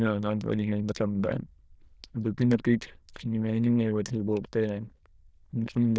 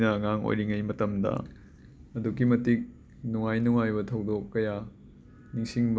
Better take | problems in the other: second | noise reduction (neural diffusion model UNIVERSE++)

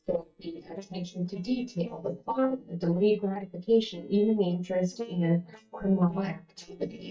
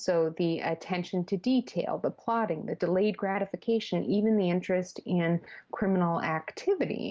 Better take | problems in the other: second | noise reduction (neural mask model DeepFilterNet 3)

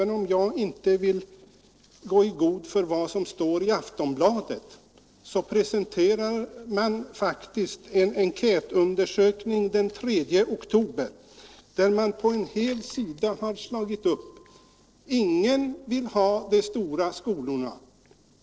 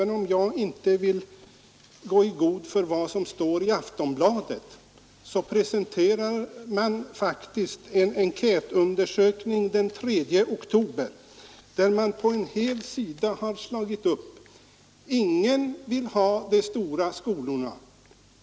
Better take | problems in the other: second | noise reduction (neural separator model SepFormer DNS4)

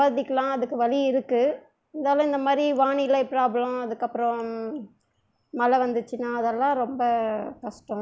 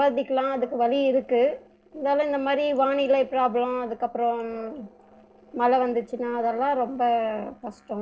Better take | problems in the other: first | noise reduction (neural separator model SepFormer DNS4)

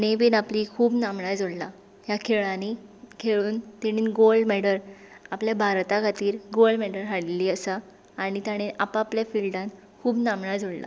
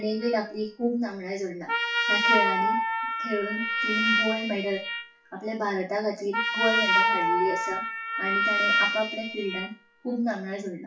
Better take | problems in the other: first | noise reduction (classical method WPE with log-MMSE)

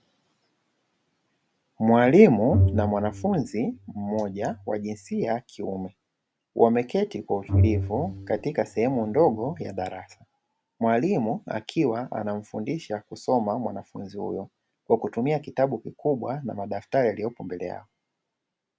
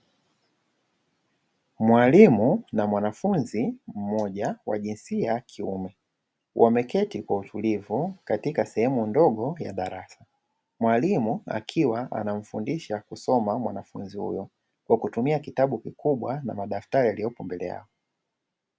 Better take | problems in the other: second | background sound (Bowed string instrument); 3 dB below the speech

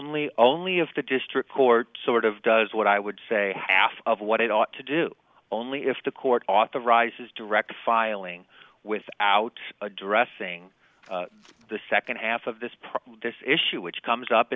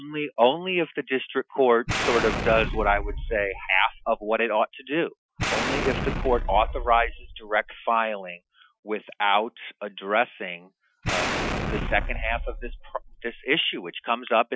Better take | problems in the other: first | noise reduction (classical method Wiener filter)

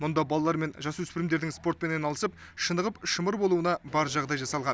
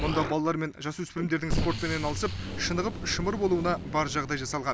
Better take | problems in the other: first | background sound (Explosion); 5 dB below the speech

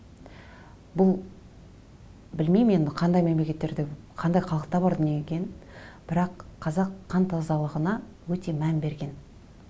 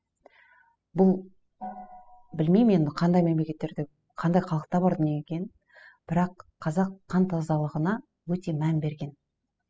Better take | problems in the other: first | noise reduction (classical method spectral subtraction)

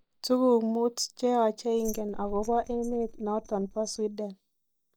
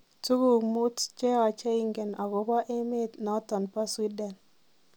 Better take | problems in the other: second | noise reduction (neural mask model DeepFilterNet 3)

